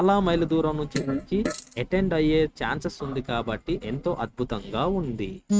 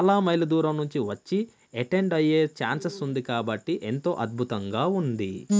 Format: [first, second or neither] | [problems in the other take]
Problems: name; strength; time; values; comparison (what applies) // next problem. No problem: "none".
second | noise reduction (neural mask model RNNoise)